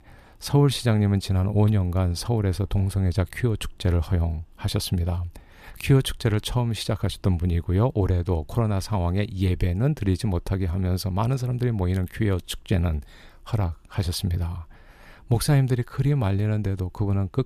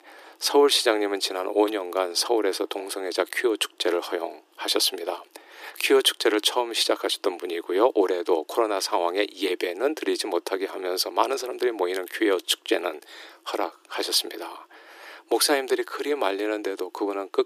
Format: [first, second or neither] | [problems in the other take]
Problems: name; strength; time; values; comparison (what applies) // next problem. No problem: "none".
first | thin; very; fading below 300 Hz